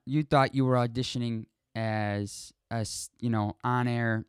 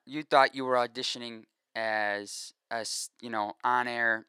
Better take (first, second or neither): first